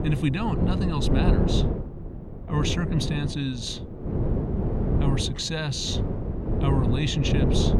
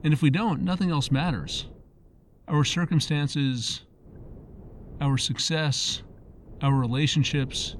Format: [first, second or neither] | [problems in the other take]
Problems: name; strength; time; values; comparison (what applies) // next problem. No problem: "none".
second | wind noise on the microphone; heavy; 2 dB below the speech; occasional gusts in the second